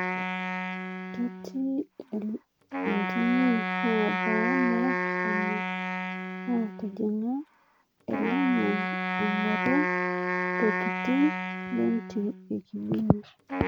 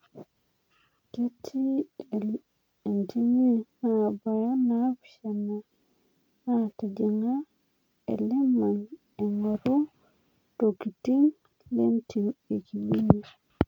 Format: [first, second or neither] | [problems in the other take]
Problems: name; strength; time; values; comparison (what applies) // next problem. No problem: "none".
second | background sound (Wind instrument, woodwind instrument); 1 dB below the speech